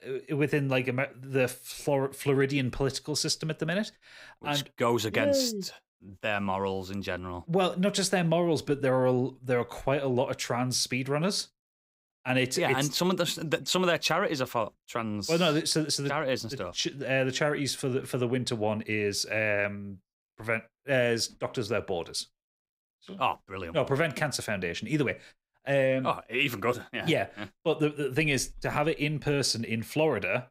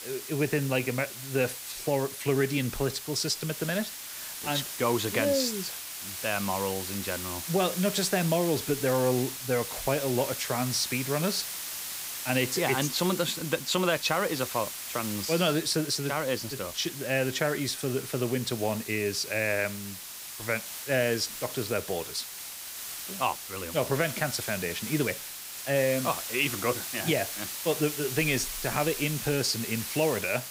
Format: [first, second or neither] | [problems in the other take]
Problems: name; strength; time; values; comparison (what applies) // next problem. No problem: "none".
first | hiss; loud; throughout; 6 dB below the speech